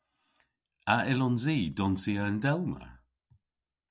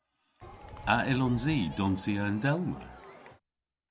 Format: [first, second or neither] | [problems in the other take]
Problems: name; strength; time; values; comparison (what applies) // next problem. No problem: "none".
first | background sound (Crowd); 14 dB below the speech